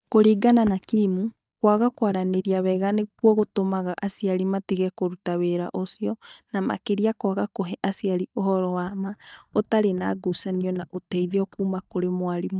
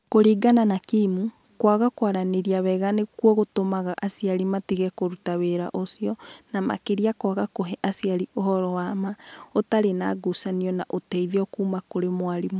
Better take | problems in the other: second | noise reduction (neural mask model DeepFilterNet 3)

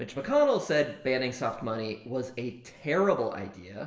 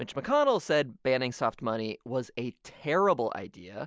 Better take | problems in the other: second | room echo; dies away in 0.9 s

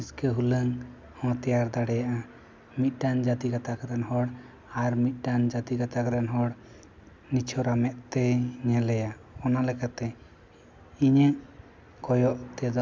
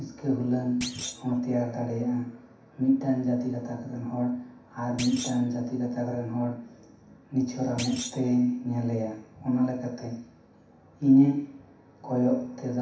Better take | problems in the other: first | background sound (Thump, thud); 12 dB below the speech // room echo; dies away in 0.7 s

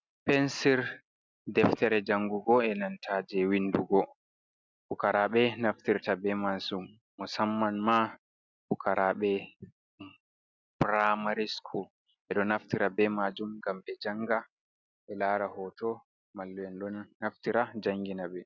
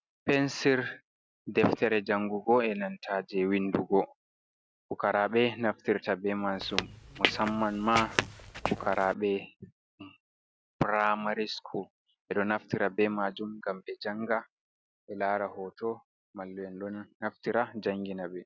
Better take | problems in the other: first | background sound (Squeak / Walk, footsteps); 3 dB below the speech

